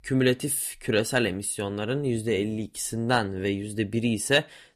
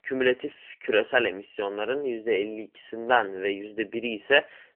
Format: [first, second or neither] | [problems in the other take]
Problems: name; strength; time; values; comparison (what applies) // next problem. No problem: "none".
first | phone-call audio; nothing above 3 kHz